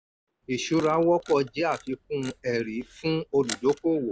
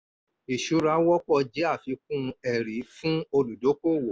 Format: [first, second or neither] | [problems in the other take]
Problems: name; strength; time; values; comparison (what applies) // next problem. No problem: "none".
second | background sound (Camera); 19 dB below the speech